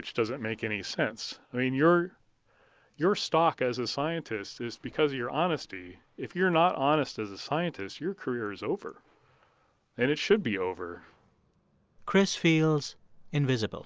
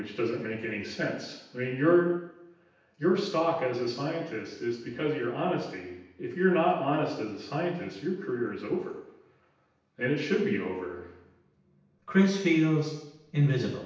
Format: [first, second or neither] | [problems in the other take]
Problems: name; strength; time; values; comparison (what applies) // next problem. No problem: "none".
first | room echo; dies away in 0.9 s